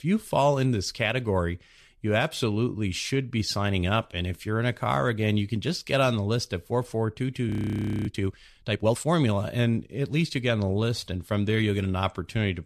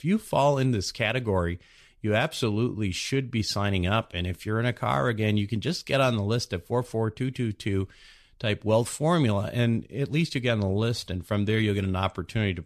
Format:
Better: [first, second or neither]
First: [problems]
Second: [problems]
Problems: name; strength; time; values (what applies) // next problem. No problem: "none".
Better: second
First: audio freezing; at 7.5 s for 0.5 s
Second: none